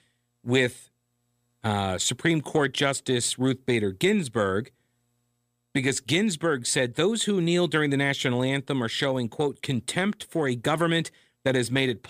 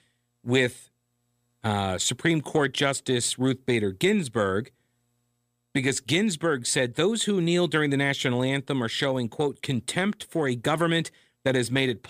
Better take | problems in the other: neither | none

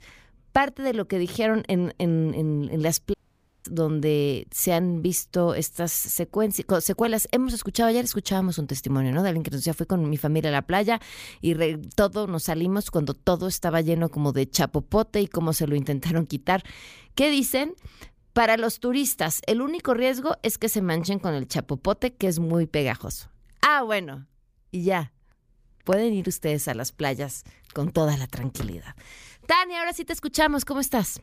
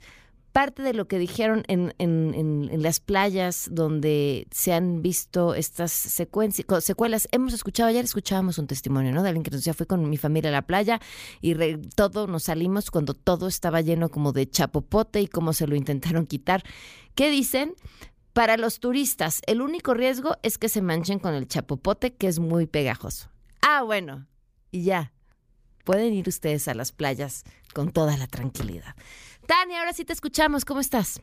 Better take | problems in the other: second | audio cutting out; at 3 s for 0.5 s

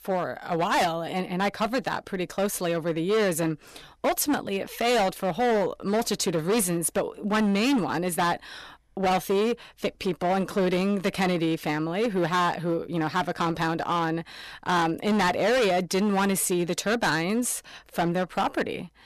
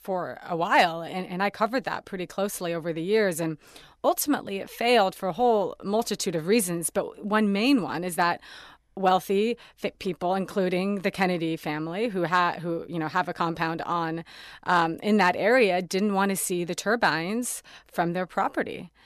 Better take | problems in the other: second | distortion; heavy; 13% of the sound clipped

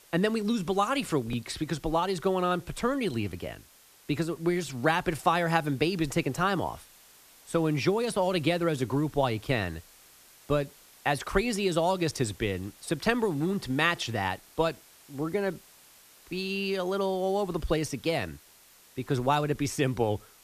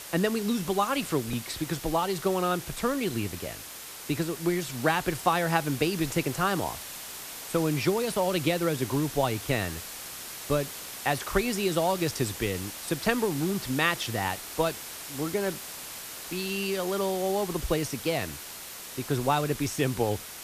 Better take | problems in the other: first | hiss; loud; throughout; 9 dB below the speech; faint in the first

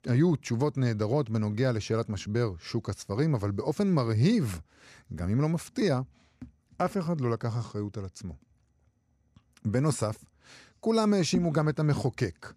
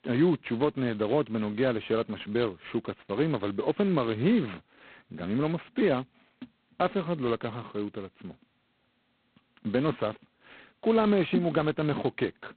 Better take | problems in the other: first | phone-call audio; poor line; nothing above 4 kHz

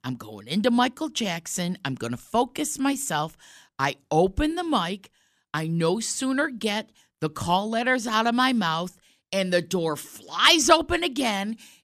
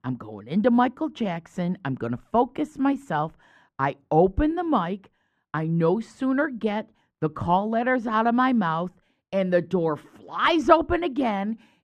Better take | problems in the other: first | muffled; very; fading above 3 kHz

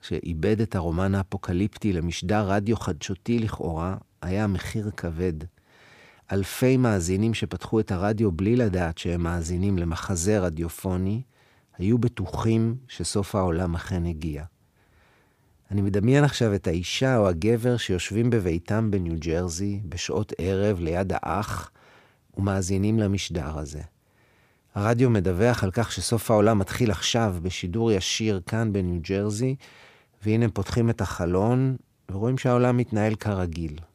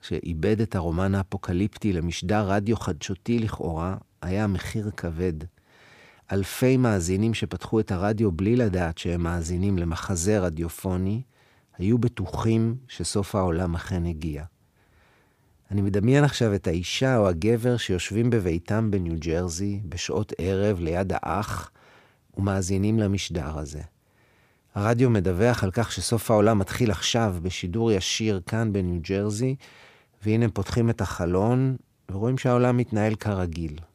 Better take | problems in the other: neither | none

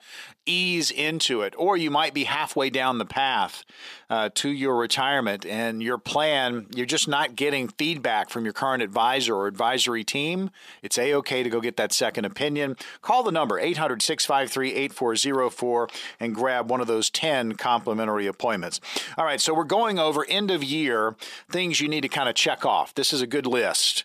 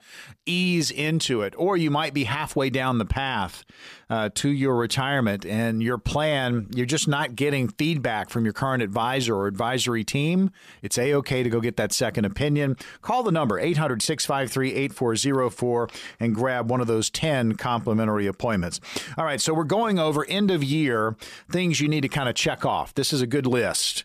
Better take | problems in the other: second | thin; somewhat; fading below 300 Hz

